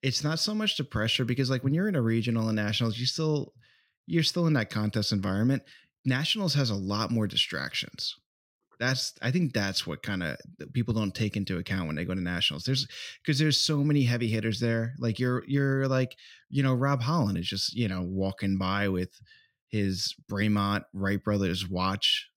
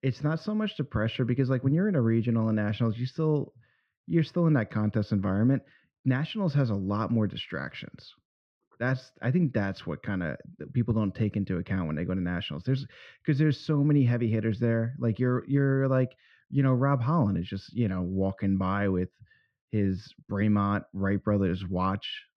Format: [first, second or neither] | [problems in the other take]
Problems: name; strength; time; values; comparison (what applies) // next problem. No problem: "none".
first | muffled; very; fading above 3.5 kHz